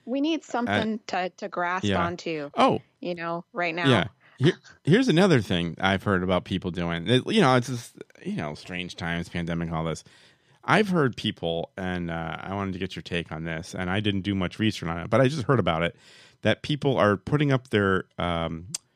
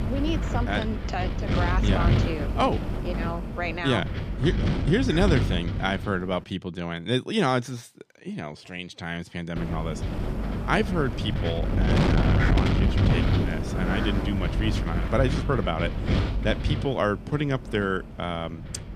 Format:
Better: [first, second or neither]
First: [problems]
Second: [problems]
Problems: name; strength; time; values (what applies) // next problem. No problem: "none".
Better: first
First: none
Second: wind noise on the microphone; heavy; until 6.5 s and from 9.5 s on; 4 dB below the speech